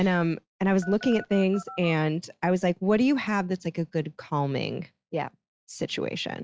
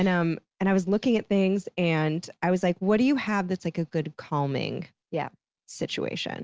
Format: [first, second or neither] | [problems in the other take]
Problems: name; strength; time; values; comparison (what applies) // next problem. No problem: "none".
second | noise reduction (classical method log-MMSE)